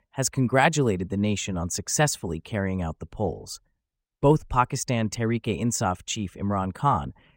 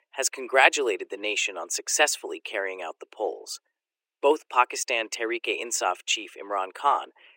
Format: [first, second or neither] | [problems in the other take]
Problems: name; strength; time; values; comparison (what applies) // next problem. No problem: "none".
first | thin; very; fading below 350 Hz